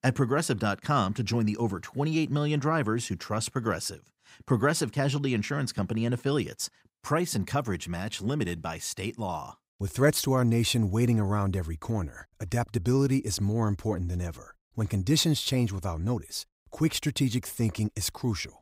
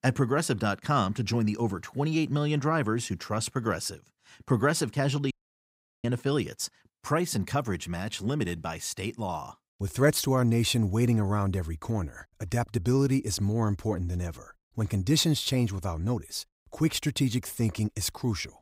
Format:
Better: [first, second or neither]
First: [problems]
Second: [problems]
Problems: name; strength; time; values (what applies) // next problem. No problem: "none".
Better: first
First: none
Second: audio cutting out; at 5.5 s for 0.5 s